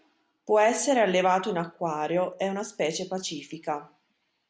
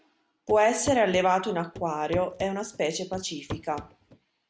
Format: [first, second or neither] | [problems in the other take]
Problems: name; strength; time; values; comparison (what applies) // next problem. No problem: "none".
first | background sound (Walk, footsteps / Run / Wood); 14 dB below the speech